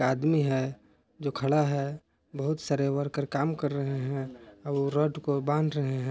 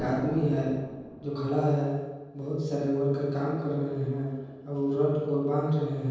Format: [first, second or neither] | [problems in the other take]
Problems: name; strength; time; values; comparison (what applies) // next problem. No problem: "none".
first | background sound (Explosion); 17 dB below the speech // room echo; dies away in 1.2 s